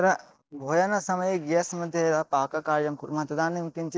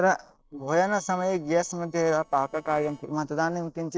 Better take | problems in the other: first | noise reduction (neural separator model SepFormer DNS4)

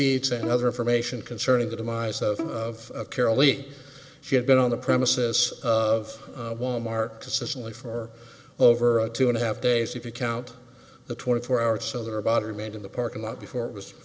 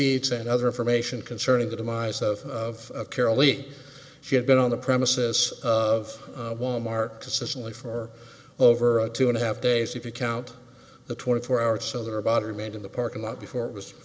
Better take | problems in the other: second | background sound (Bowed string instrument); 14 dB below the speech

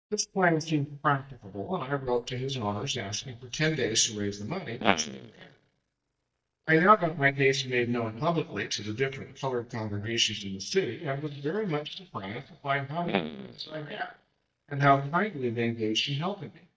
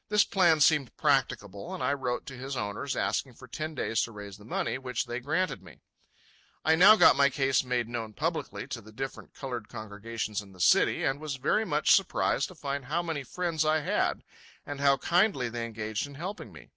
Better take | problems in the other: second | noise reduction (neural mask model DeepFilterNet 3)

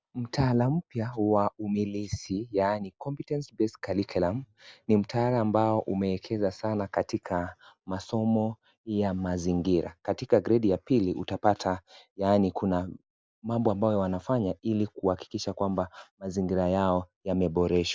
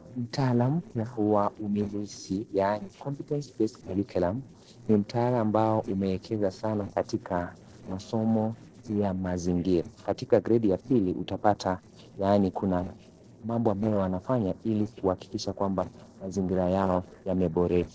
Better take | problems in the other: first | noise reduction (neural separator model SepFormer DNS4)

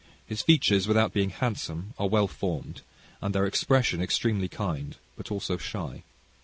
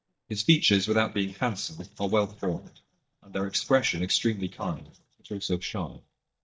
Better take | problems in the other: first | noise reduction (neural mask model DeepFilterNet 3)

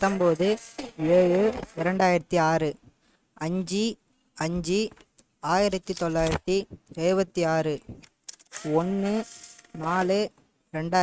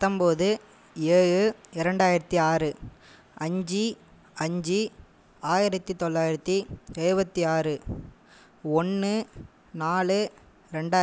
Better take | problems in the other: second | noise reduction (neural mask model RNNoise)

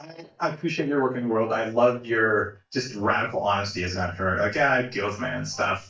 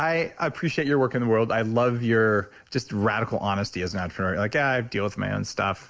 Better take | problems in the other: second | noise reduction (neural mask model DeepFilterNet 3)

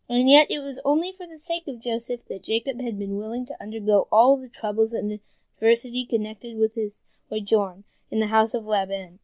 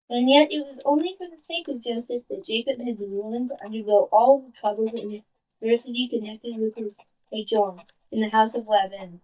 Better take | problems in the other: first | noise reduction (neural mask model DeepFilterNet 3)

